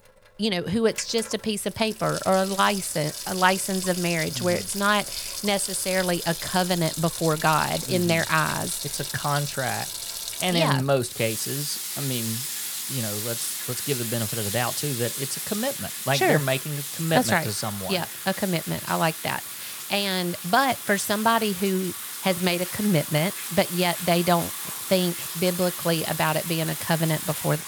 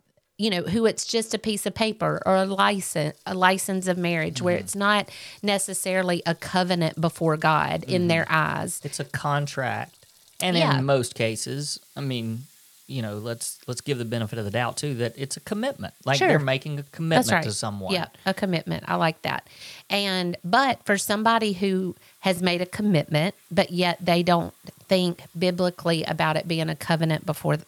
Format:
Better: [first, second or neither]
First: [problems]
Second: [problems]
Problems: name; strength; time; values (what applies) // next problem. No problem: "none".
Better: second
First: household noises; loud; throughout; 5 dB below the speech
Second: household noises; faint; throughout; 30 dB below the speech